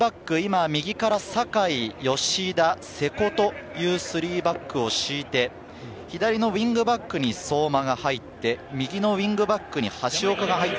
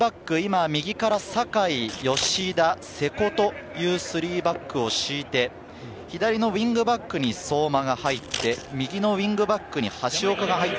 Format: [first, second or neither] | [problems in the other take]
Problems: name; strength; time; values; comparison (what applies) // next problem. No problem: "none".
first | background sound (Scissors); 10 dB below the speech